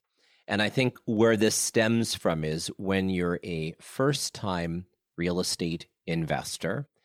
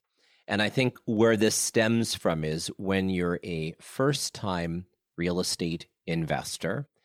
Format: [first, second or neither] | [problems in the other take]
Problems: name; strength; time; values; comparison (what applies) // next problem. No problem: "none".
neither | none